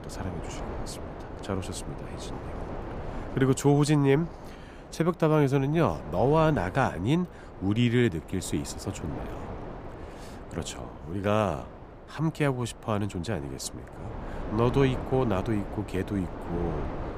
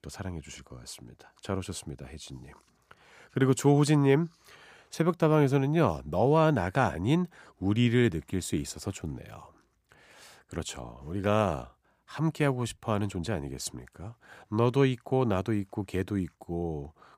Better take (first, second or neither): second